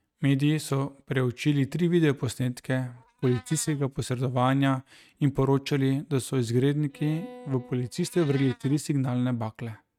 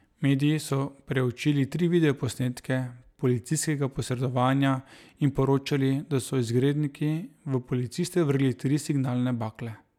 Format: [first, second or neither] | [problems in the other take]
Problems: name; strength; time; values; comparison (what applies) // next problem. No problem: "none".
second | noise reduction (neural mask model RNNoise)